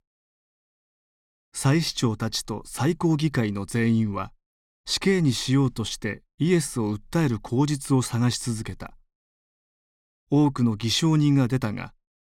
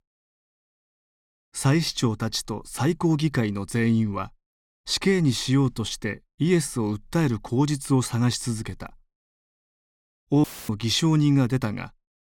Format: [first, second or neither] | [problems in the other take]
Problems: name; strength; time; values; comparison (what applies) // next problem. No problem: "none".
first | audio cutting out; filled with static; at 10 s